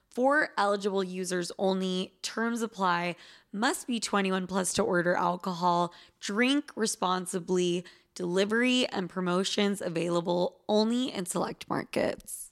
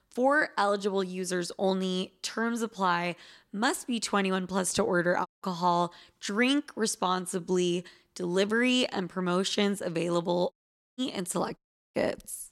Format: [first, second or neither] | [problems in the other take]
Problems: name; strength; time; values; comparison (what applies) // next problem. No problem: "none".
first | audio cutting out; at 5.5 s, at 11 s and at 12 s